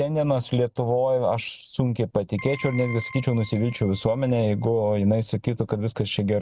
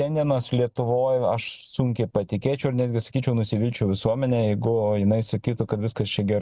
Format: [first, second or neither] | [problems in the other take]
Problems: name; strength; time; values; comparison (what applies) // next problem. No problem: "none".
second | background sound (Keyboard (musical)); 16 dB below the speech